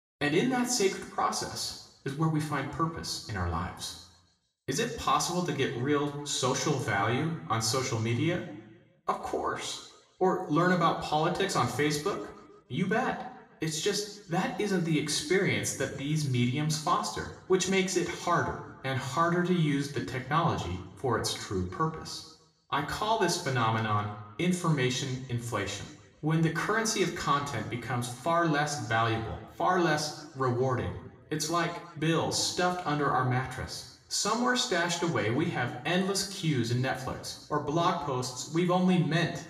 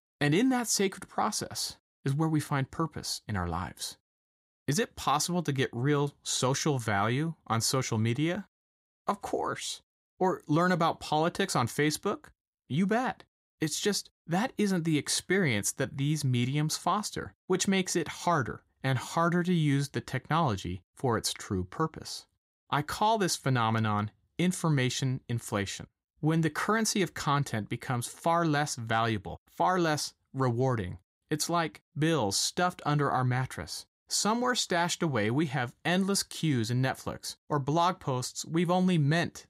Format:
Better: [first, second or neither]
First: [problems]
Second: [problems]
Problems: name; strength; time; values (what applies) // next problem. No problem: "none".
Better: second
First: room echo; slight; dies away in 0.8 s // off-mic speech; somewhat distant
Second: none